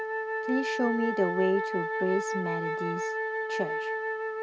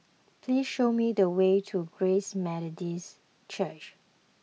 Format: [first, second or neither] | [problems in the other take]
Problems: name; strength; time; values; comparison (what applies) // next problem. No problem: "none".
second | background sound (Wind instrument, woodwind instrument); as loud as the speech